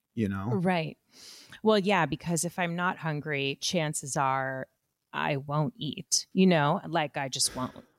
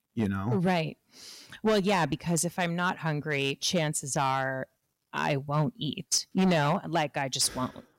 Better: first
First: none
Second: distortion; slight; 5% of the sound clipped

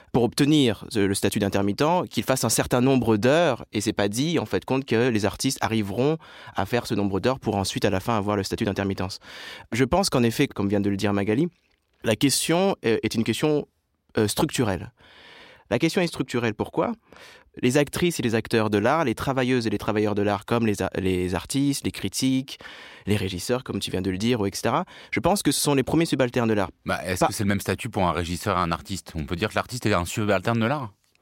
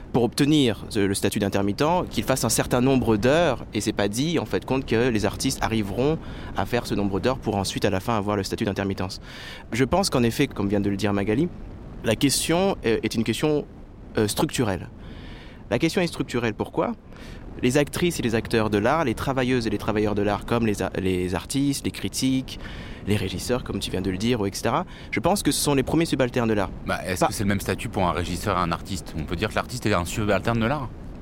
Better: first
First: none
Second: wind noise on the microphone; occasional gusts; 20 dB below the speech

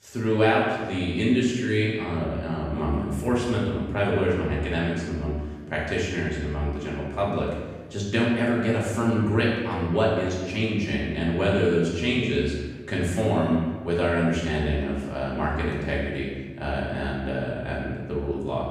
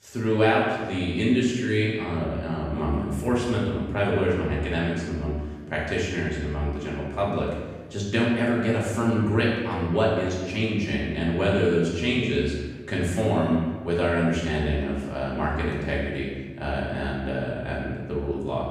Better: neither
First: room echo; noticeable; dies away in 1.2 s // off-mic speech; far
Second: room echo; noticeable; dies away in 1.2 s // off-mic speech; far

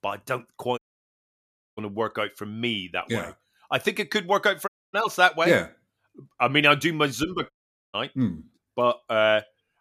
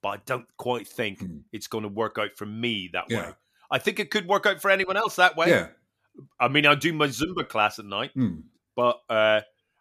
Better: second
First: audio cutting out; at 1 s for 1 s, at 4.5 s and at 7.5 s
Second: none

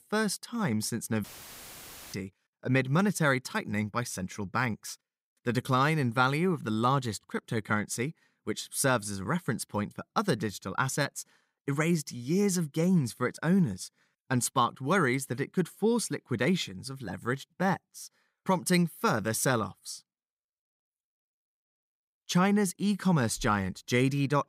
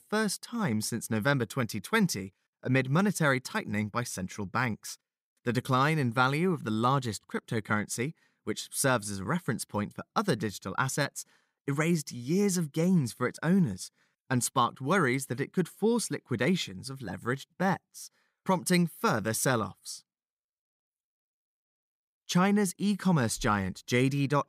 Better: second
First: audio cutting out; filled with static; at 1 s for 1 s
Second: none

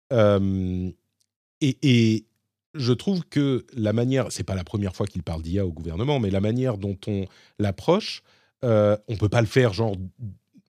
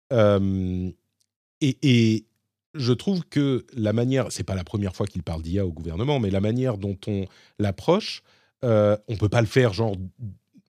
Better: neither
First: none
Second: none

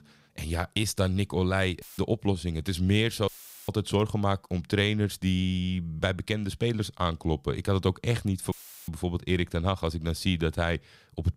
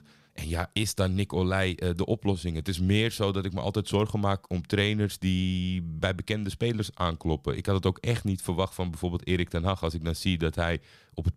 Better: second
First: audio cutting out; filled with static; at 2 s, at 3.5 s and at 8.5 s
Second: none

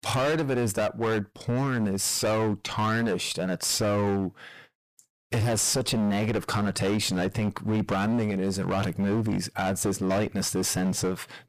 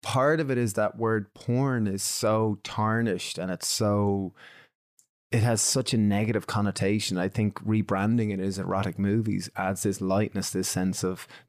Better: second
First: distortion; heavy; 23% of the sound clipped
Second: none

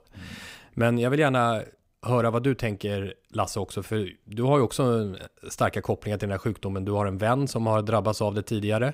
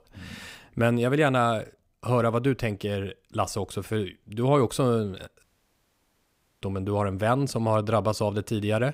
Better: first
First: none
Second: audio cutting out; at 5.5 s for 1 s

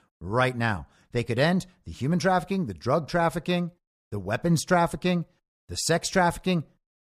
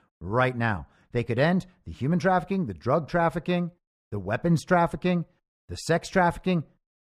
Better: first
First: none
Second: muffled; slightly; fading above 3.5 kHz

